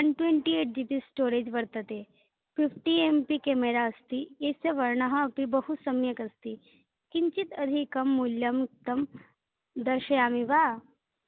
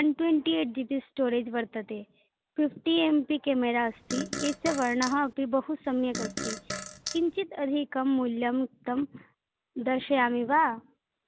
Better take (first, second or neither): first